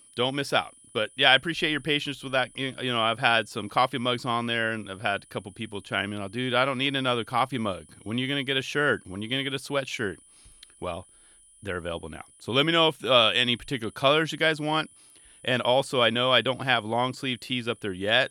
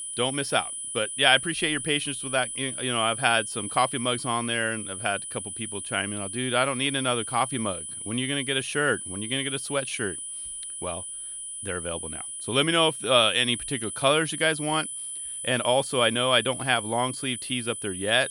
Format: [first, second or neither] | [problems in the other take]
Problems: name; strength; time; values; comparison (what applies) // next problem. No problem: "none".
first | high-pitched whine; loud; throughout; 10 kHz, 7 dB below the speech; faint in the first